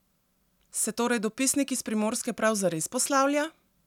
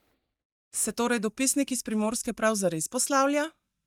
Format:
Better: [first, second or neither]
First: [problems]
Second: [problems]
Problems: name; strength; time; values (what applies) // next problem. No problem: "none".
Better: first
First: none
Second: noise reduction (neural mask model DeepFilterNet 3)